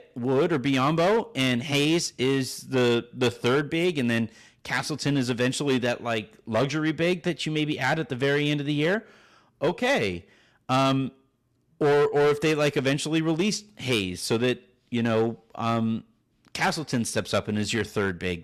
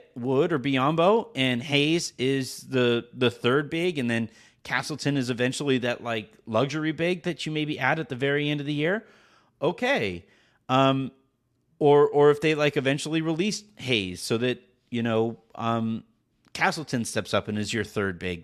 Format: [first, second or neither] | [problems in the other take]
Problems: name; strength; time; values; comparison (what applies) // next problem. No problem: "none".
second | distortion; slight; 7% of the sound clipped